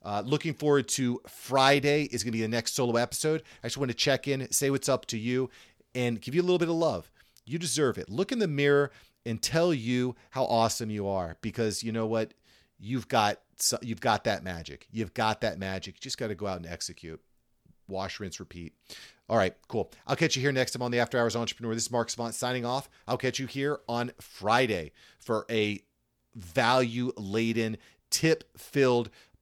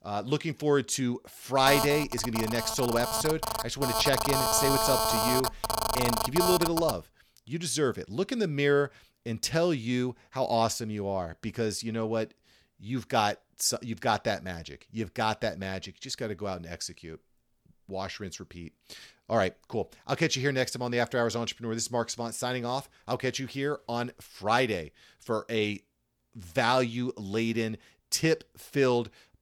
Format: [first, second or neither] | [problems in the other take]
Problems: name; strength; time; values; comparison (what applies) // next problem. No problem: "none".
first | phone ringing; loud; from 1.5 to 7 s; peak 4 dB above the speech